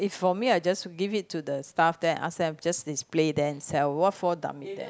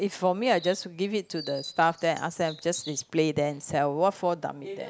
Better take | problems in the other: first | background sound (Chirp, tweet); 18 dB below the speech

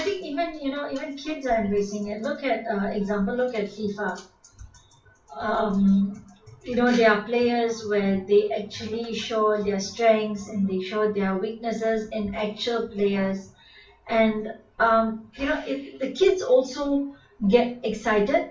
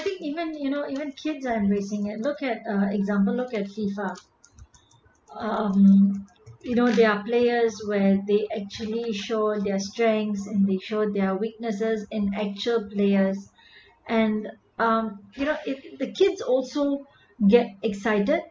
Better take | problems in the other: second | room echo; dies away in 0.3 s

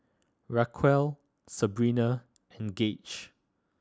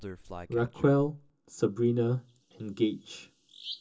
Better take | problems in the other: first | background sound (Bird vocalization, bird call, bird song); 17 dB below the speech // room echo; dies away in 0.2 s

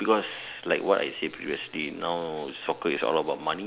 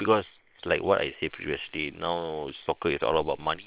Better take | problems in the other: first | noise reduction (neural separator model SepFormer WHAM!)

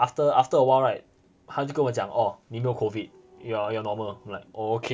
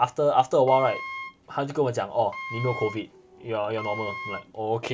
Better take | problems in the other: first | background sound (Wind instrument, woodwind instrument); 12 dB below the speech

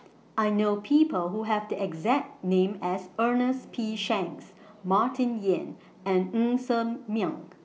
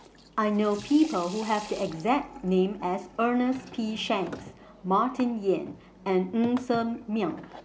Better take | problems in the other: first | background sound (Sink (filling or washing) / Water tap, faucet); 19 dB below the speech

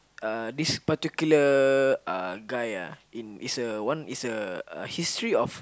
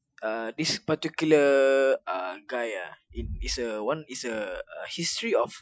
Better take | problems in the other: first | noise reduction (classical method Wiener filter)

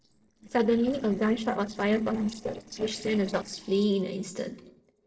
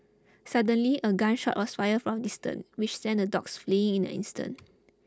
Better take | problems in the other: second | noise reduction (neural separator model SepFormer DNS4)

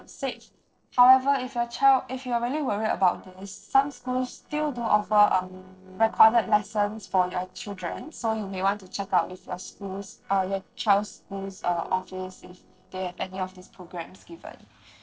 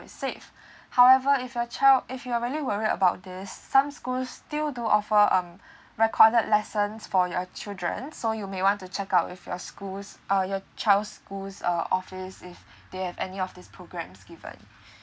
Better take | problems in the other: second | noise reduction (neural separator model SepFormer DNS4)

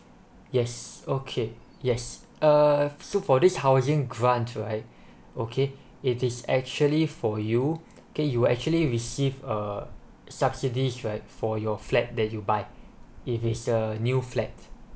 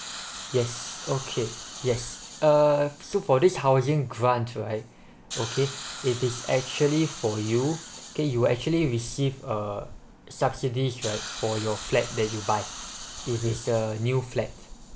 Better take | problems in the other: first | background sound (Hiss); 14 dB below the speech

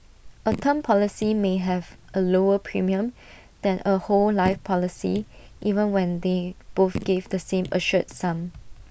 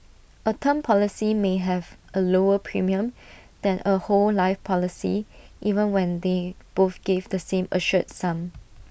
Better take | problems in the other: second | background sound (Raindrop / Drip); 15 dB below the speech

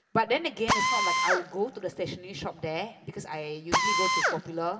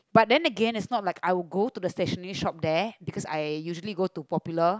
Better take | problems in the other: second | background sound (Drill); 2 dB above the speech // room echo; dies away in 1.2 s

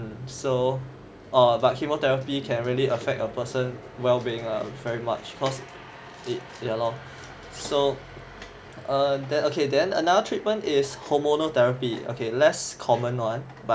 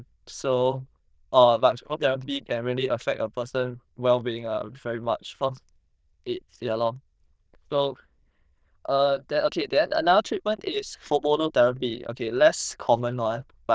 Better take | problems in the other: first | noise reduction (neural diffusion model UNIVERSE++)

